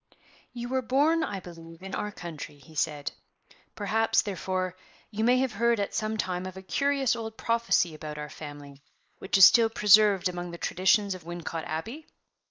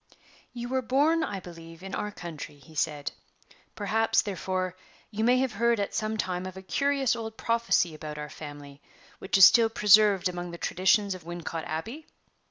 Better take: second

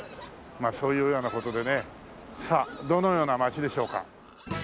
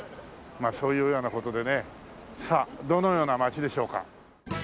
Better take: second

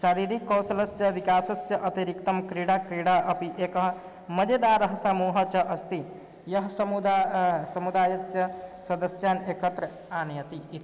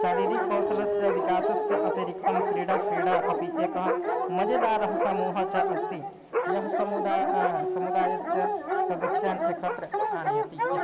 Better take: first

